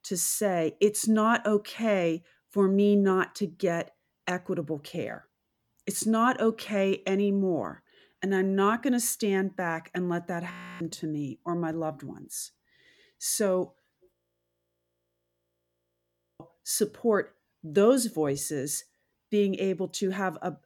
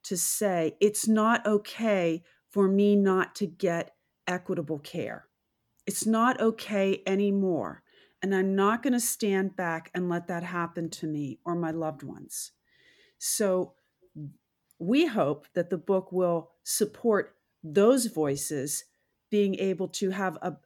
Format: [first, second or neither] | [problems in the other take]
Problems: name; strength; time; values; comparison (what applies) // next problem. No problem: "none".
second | audio freezing; at 11 s and at 14 s for 2.5 s